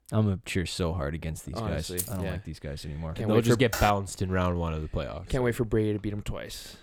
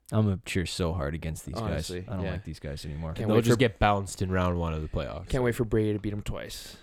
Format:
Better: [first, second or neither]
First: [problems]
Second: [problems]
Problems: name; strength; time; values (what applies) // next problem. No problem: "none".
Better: second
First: jangling keys; noticeable; at 2 s; peak 5 dB below the speech // keyboard typing; noticeable; at 3.5 s; peak 4 dB below the speech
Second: none